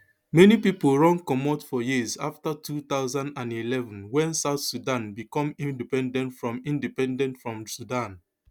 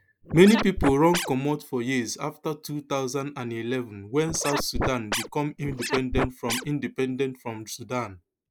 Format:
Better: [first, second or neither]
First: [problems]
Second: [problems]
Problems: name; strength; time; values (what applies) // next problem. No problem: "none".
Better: first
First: none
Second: noise reduction (neural mask model Resemble Enhance denoiser)